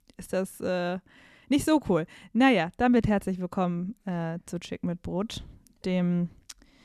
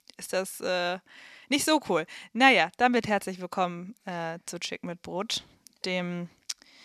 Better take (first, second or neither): first